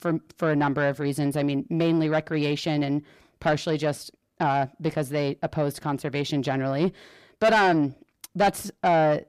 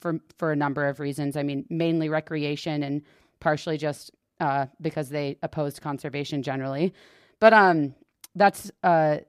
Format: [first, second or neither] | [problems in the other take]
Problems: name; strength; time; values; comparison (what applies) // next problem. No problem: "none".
second | distortion; heavy; 8 dB below the speech